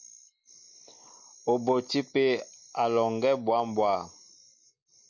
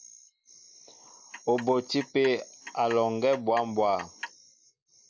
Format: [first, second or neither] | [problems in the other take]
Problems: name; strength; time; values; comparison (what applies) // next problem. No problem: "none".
first | background sound (Clock); 16 dB below the speech